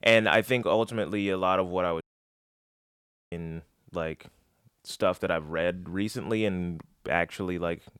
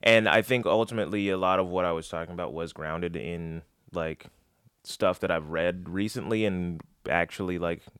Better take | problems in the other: second | audio cutting out; at 2 s for 1.5 s

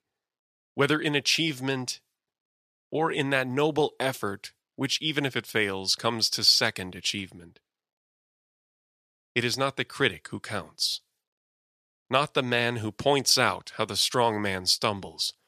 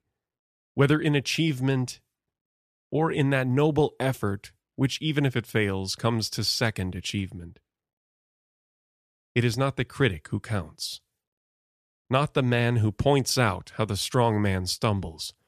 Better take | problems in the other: second | thin; somewhat; fading below 500 Hz

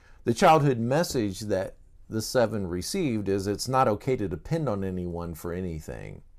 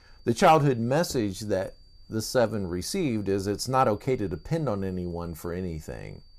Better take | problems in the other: first | high-pitched whine; faint; throughout; 4.5 kHz, 35 dB below the speech

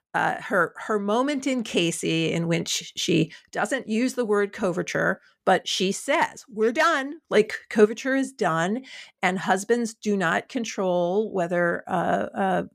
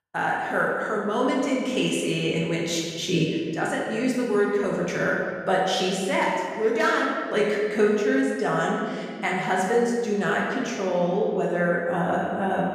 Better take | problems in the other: first | room echo; noticeable; dies away in 1.8 s // off-mic speech; far

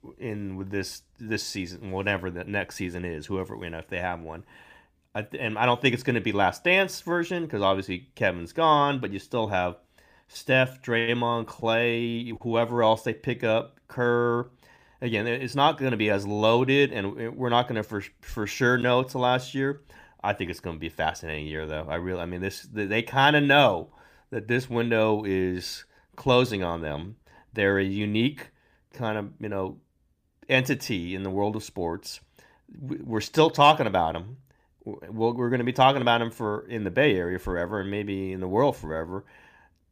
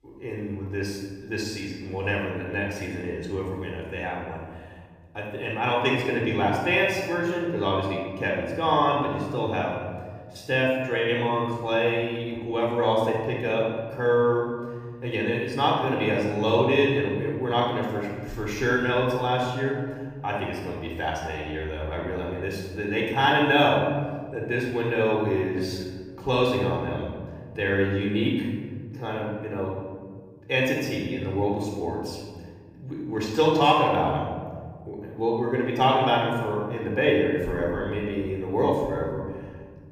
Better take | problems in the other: first | off-mic speech; somewhat distant // room echo; noticeable; dies away in 1.9 s

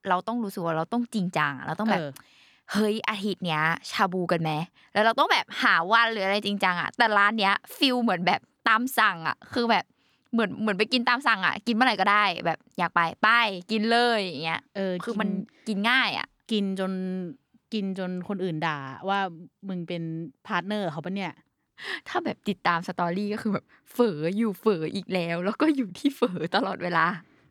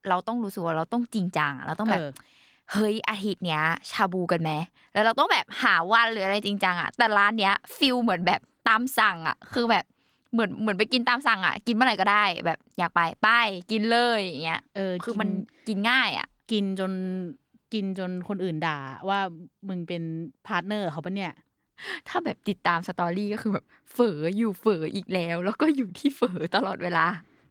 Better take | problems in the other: first | garbled, watery; slightly

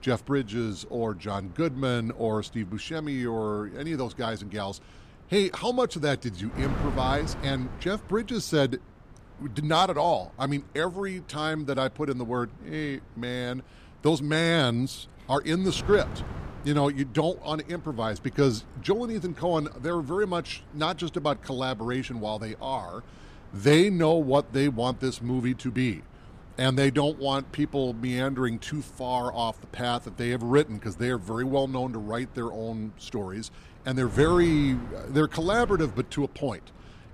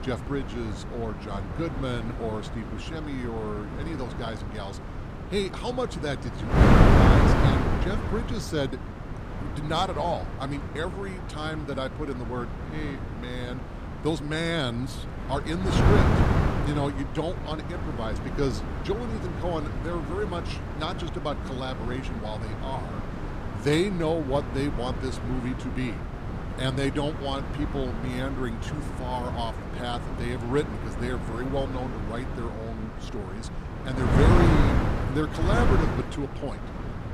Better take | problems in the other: first | wind noise on the microphone; heavy; 1 dB below the speech; occasional gusts in the first

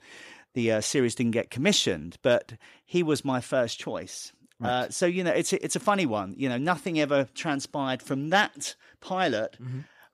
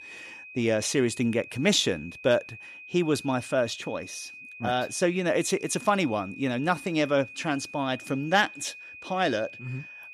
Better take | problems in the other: first | high-pitched whine; noticeable; throughout; 2.5 kHz, 15 dB below the speech

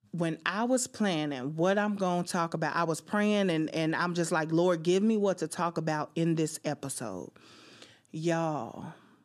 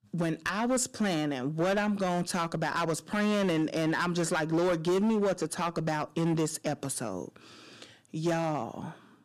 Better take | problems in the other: first | distortion; slight; 10% of the sound clipped

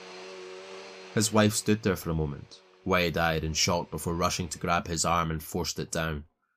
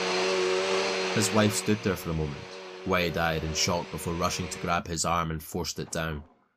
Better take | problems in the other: first | household noises; loud; throughout; 3 dB below the speech; faint in the first

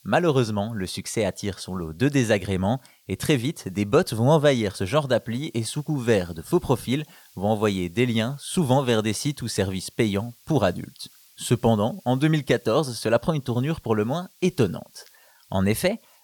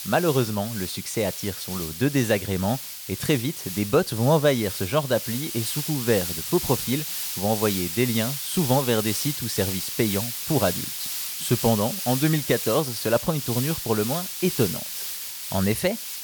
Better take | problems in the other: first | hiss; loud; throughout; 4 dB below the speech; faint in the first

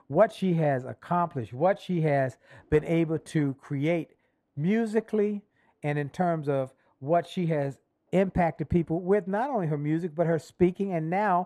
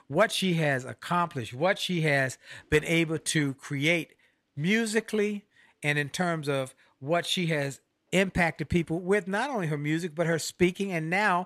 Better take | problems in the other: second | muffled; very; fading above 1.5 kHz

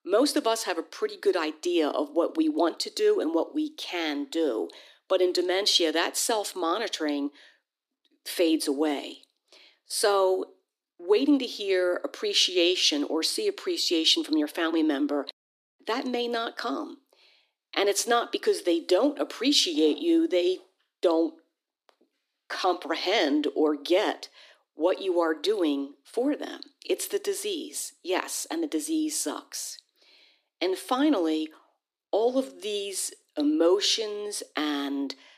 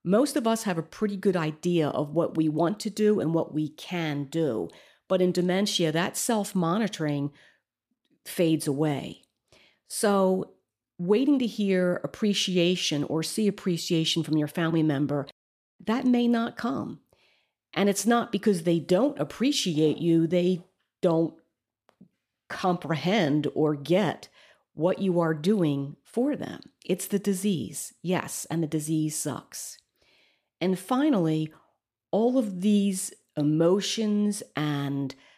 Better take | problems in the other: second | thin; very slightly; fading below 300 Hz

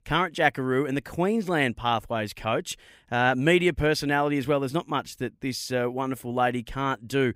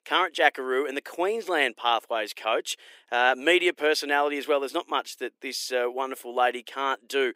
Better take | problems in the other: first | thin; somewhat; fading below 350 Hz

